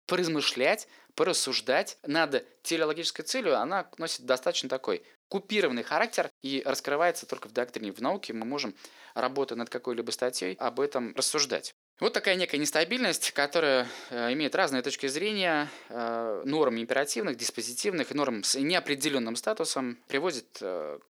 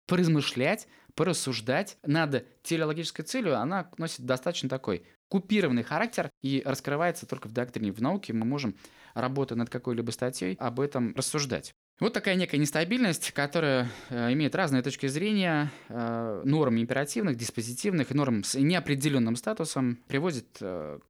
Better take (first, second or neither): second